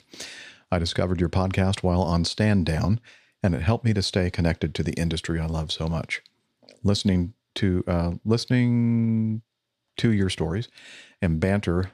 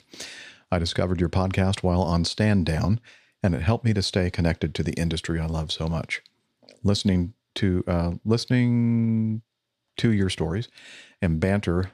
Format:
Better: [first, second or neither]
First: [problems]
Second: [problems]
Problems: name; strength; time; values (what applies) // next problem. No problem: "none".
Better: neither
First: none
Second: none